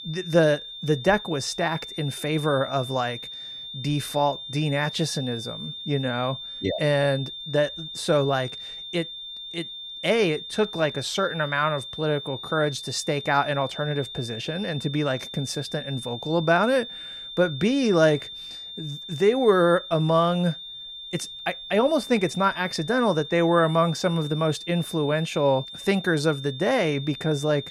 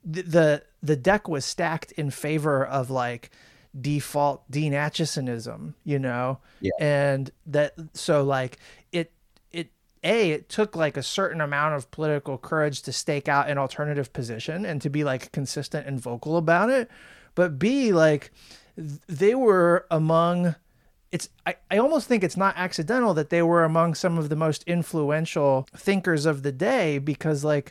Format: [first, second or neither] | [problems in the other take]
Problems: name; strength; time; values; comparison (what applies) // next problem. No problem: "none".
second | high-pitched whine; noticeable; throughout; 3.5 kHz, 10 dB below the speech